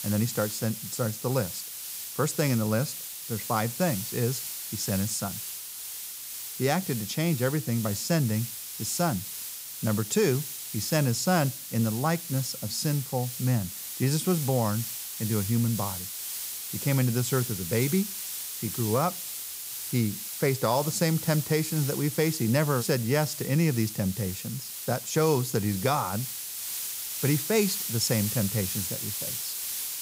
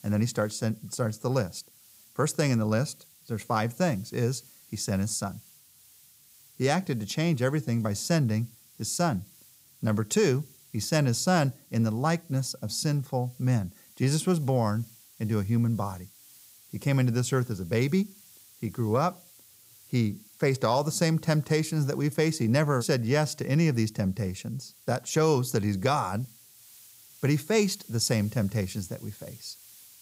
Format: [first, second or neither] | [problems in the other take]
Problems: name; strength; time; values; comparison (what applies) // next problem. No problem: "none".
second | hiss; loud; throughout; 5 dB below the speech; faint in the second